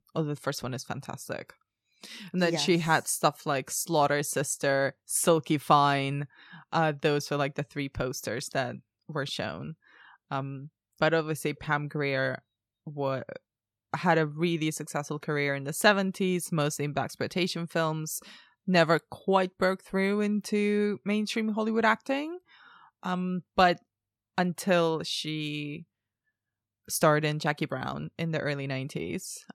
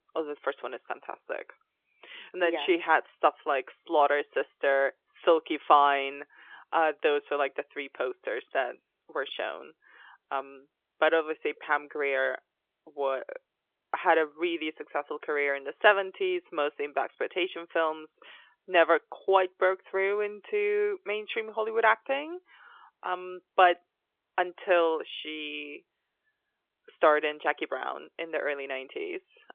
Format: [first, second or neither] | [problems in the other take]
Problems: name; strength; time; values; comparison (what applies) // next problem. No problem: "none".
first | phone-call audio; nothing above 3.5 kHz